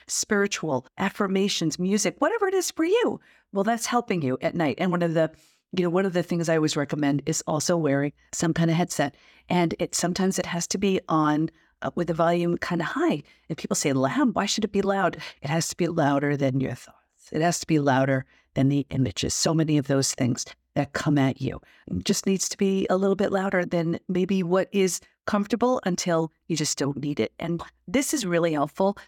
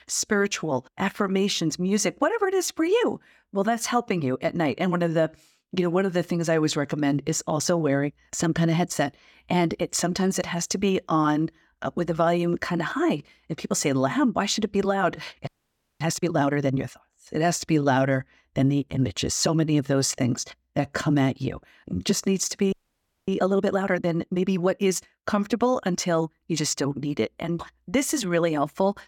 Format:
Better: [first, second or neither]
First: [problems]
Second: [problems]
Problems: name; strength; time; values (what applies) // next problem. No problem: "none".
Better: first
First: none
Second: audio freezing; at 15 s for 0.5 s and at 23 s for 0.5 s